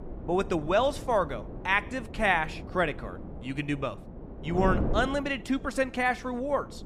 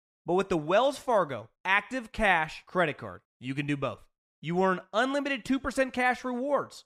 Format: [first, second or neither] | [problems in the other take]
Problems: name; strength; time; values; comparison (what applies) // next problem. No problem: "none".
second | wind noise on the microphone; occasional gusts; 15 dB below the speech